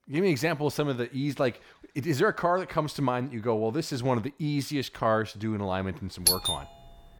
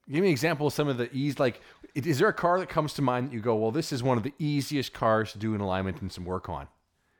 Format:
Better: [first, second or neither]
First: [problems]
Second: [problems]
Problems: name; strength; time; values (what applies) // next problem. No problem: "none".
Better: second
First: doorbell; loud; at 6.5 s; peak 6 dB above the speech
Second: none